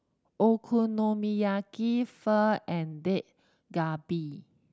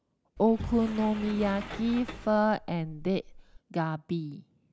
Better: first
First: none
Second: background sound (Sliding door); 12 dB below the speech

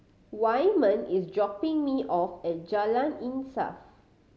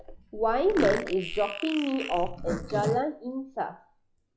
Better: first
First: none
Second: noise reduction (classical method log-MMSE)

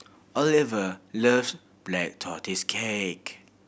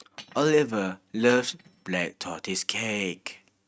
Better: first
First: none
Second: noise reduction (neural mask model RNNoise)

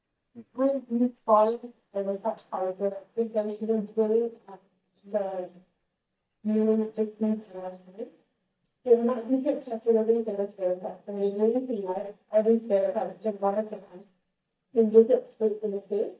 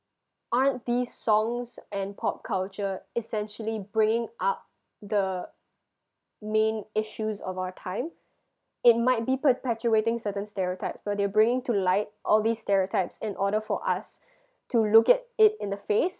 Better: second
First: noise reduction (neural mask model DeepFilterNet 3)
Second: none

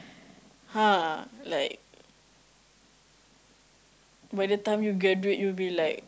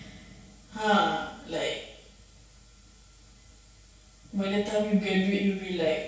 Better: first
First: none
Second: room echo; dies away in 0.6 s

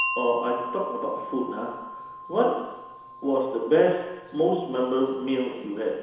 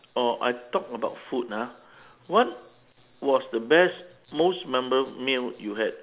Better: second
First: background sound (Wind chime); 10 dB below the speech // room echo; dies away in 1 s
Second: none

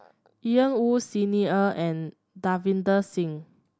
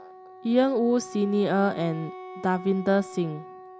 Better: first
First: none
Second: background sound (Wind instrument, woodwind instrument); 16 dB below the speech

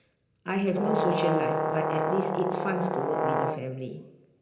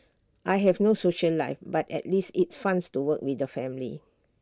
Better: second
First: background sound (Brass instrument); 2 dB above the speech // room echo; dies away in 0.9 s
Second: none

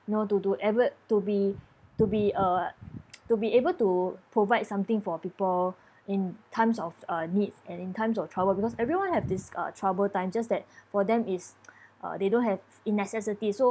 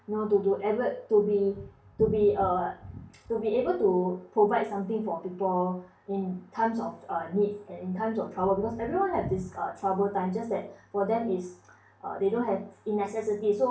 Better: first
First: none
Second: room echo; dies away in 0.4 s

